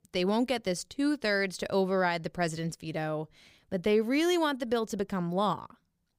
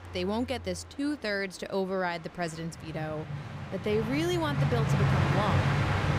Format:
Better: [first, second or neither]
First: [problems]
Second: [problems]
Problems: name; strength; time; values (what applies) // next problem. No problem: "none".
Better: first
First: none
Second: train or aircraft noise; very loud; throughout; 3 dB above the speech